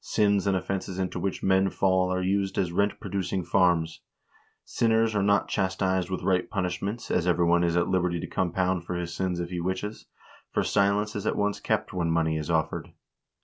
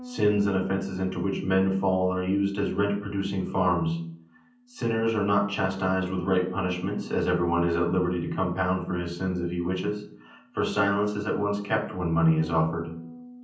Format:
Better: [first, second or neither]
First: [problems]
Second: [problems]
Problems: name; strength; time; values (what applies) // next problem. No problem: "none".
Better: first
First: none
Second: background sound (Bass guitar); 20 dB below the speech // room echo; dies away in 0.6 s